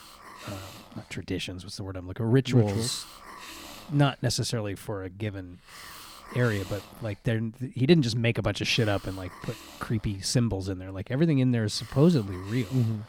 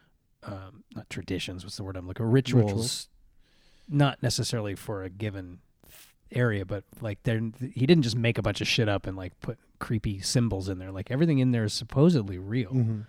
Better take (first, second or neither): second